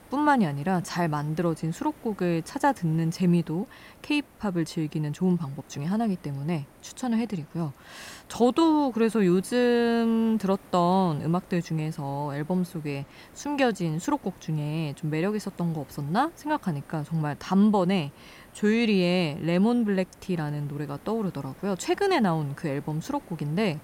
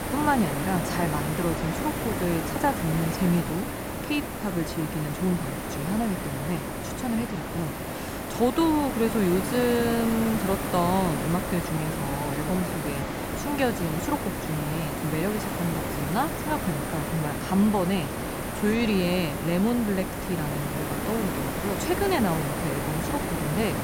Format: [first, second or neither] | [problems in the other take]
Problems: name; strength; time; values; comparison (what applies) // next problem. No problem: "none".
first | hiss; loud; throughout; 3 dB below the speech; faint in the first